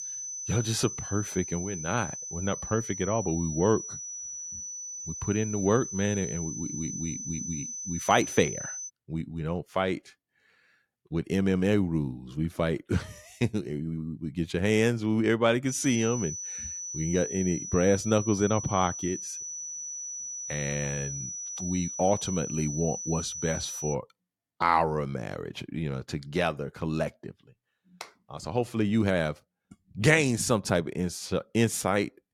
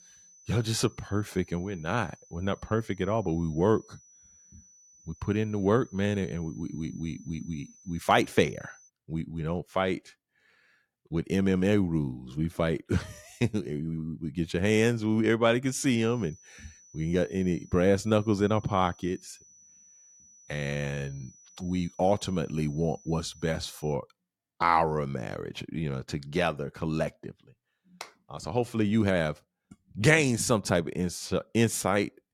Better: second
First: high-pitched whine; loud; until 9 s and from 16 to 24 s; 6 kHz, 6 dB below the speech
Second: high-pitched whine; faint; until 9 s and from 16 to 24 s; 6 kHz, 25 dB below the speech

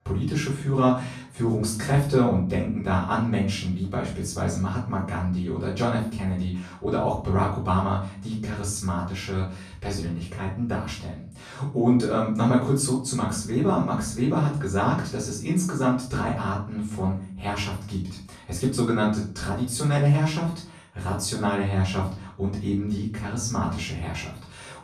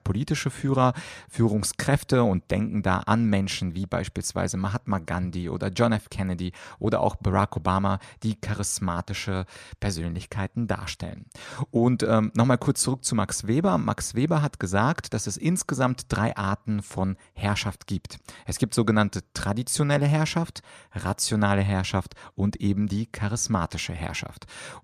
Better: second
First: off-mic speech; far // room echo; noticeable; dies away in 0.4 s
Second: none

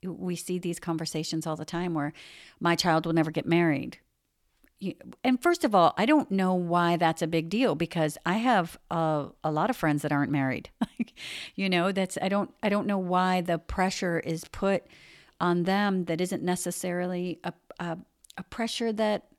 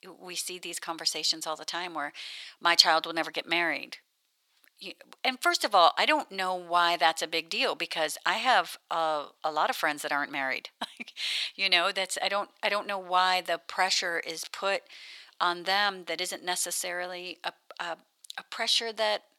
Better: first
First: none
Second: thin; very; fading below 800 Hz

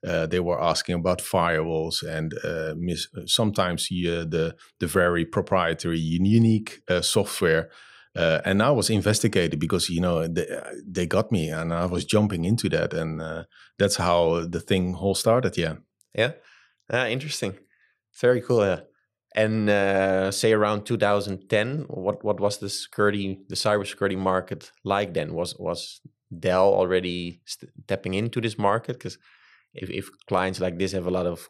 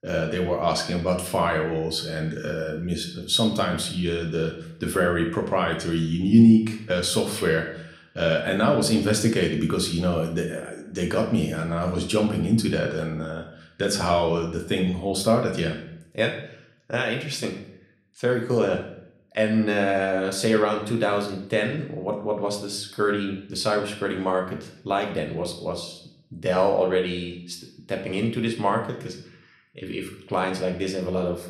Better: first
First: none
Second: room echo; slight; dies away in 0.5 s // off-mic speech; somewhat distant

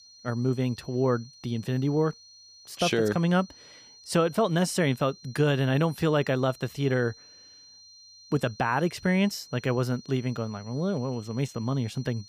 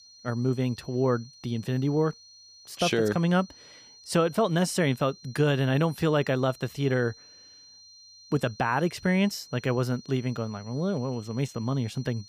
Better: neither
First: high-pitched whine; faint; throughout; 4 kHz, 20 dB below the speech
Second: high-pitched whine; faint; throughout; 4 kHz, 20 dB below the speech

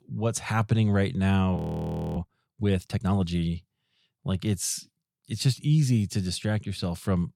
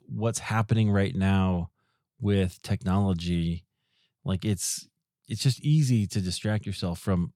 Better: second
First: audio freezing; at 1.5 s for 0.5 s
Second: none

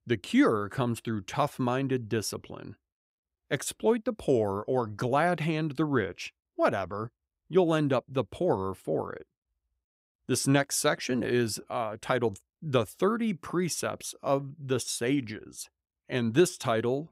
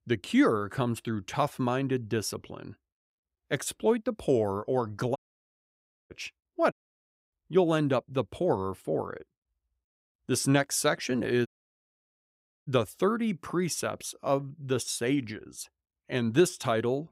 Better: first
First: none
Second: audio cutting out; at 5 s for 1 s, at 6.5 s for 0.5 s and at 11 s for 1 s

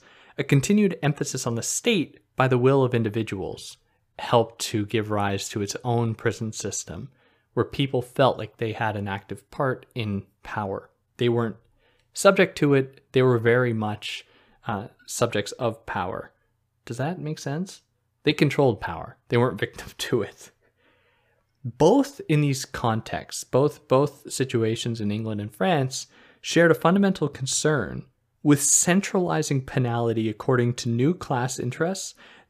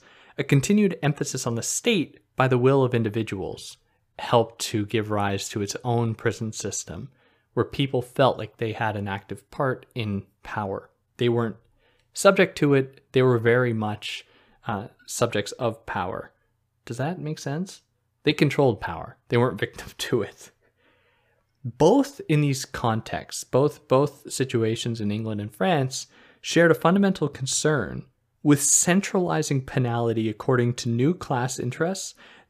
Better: neither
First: none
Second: none

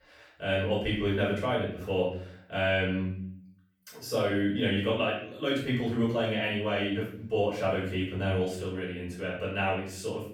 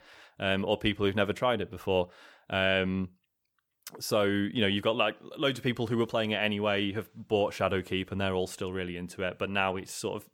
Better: second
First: off-mic speech; far // room echo; noticeable; dies away in 0.6 s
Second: none

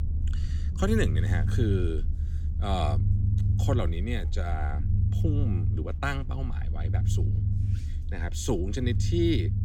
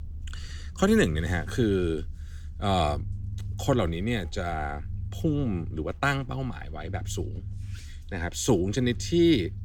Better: second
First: low rumble; loud; throughout; 9 dB below the speech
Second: low rumble; faint; throughout; 25 dB below the speech

